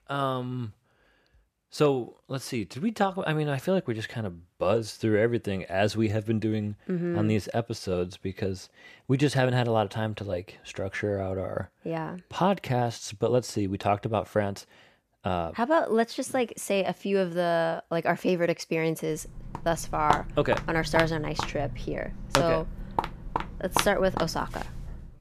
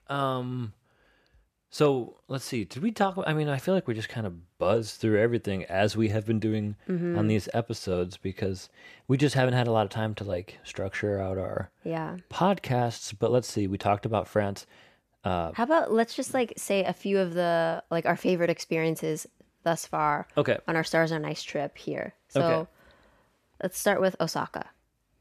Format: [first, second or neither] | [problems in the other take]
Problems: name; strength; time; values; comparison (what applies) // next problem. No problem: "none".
second | footsteps; noticeable; from 19 s on; peak 1 dB below the speech